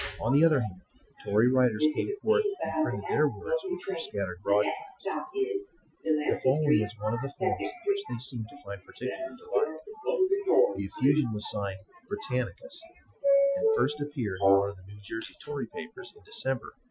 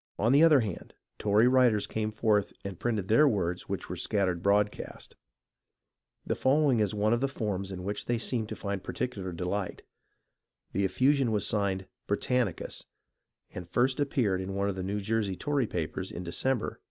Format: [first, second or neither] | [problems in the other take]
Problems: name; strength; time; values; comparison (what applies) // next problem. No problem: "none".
second | noise reduction (classical method Wiener filter)